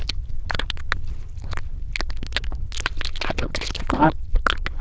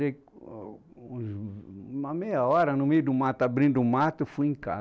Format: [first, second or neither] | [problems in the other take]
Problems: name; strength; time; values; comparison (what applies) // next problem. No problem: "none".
second | noise reduction (neural diffusion model UNIVERSE++)